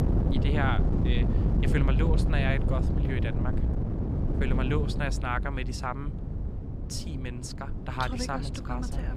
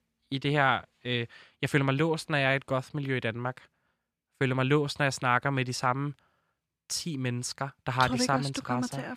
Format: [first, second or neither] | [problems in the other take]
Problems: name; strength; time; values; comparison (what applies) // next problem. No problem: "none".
second | wind noise on the microphone; heavy; 5 dB below the speech